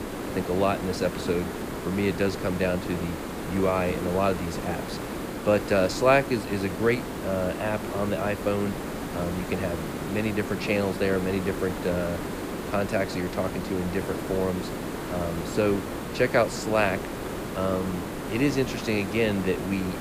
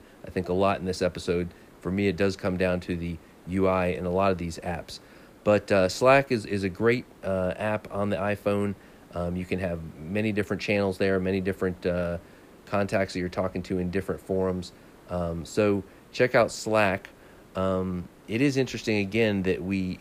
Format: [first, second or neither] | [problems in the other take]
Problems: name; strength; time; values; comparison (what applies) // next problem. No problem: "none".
second | hiss; loud; throughout; 6 dB below the speech; faint in the second